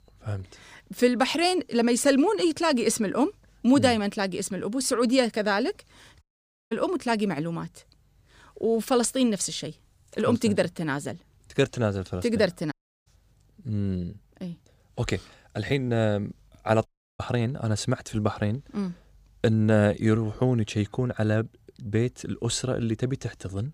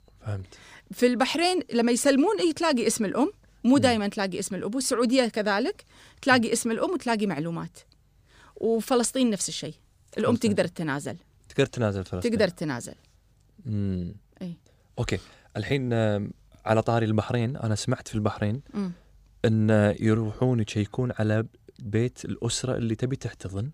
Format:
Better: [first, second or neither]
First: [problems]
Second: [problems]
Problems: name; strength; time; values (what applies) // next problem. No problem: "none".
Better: second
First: audio cutting out; at 6 s, at 13 s and at 17 s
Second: none